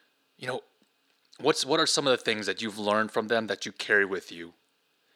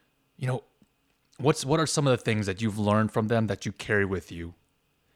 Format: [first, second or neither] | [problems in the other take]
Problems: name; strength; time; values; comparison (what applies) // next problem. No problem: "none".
second | thin; somewhat; fading below 350 Hz